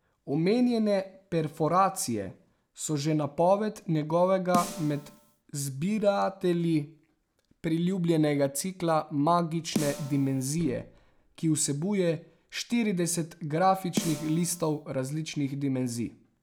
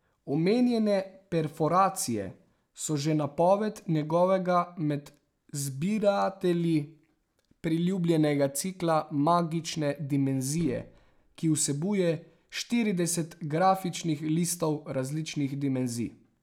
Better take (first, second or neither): second